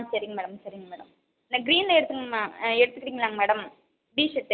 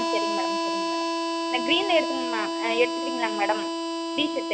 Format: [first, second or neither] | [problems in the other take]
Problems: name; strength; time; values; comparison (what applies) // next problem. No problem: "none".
first | background sound (Harmonica); 1 dB above the speech